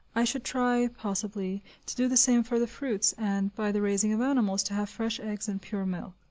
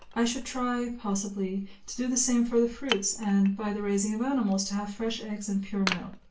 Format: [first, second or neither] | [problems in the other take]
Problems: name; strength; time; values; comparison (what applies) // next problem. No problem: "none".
first | background sound (Wood); 14 dB below the speech // room echo; dies away in 0.3 s